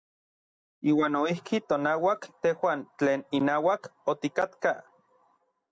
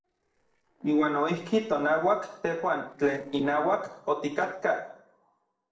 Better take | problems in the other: first | noise reduction (neural separator model SepFormer DNS4)

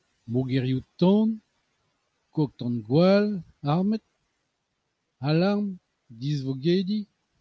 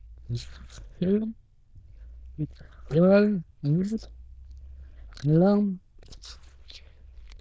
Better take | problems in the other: first | noise reduction (neural diffusion model UNIVERSE++)

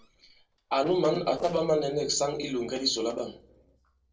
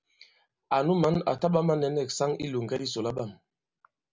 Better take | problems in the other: second | noise reduction (neural separator model SepFormer DNS4)

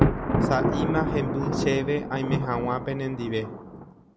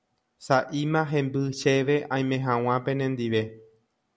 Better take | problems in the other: second | background sound (Thunder); 2 dB above the speech

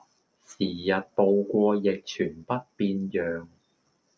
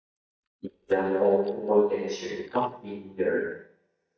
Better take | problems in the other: first | noise reduction (neural mask model DeepFilterNet 3)

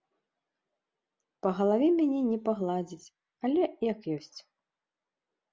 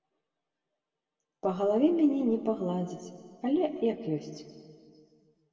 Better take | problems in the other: first | room echo; dies away in 2.1 s

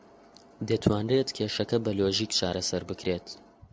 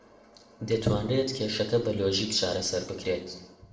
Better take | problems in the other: first | room echo; dies away in 0.8 s

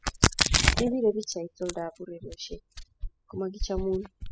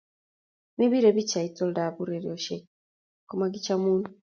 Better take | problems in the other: second | noise reduction (classical method spectral subtraction)

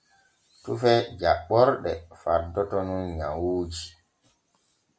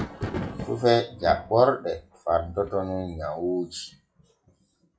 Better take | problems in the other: first | noise reduction (classical method log-MMSE)

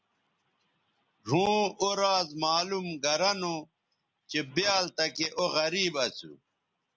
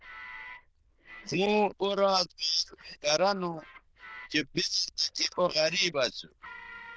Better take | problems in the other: first | noise reduction (neural diffusion model UNIVERSE++)

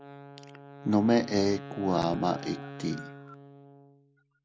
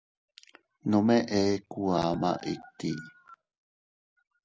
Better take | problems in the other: second | background sound (Wind instrument, woodwind instrument); 14 dB below the speech

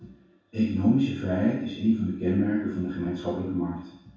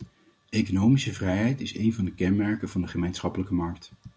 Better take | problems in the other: second | room echo; dies away in 0.7 s

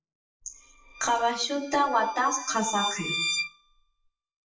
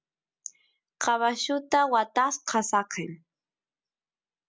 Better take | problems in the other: second | noise reduction (classical method WPE with log-MMSE)

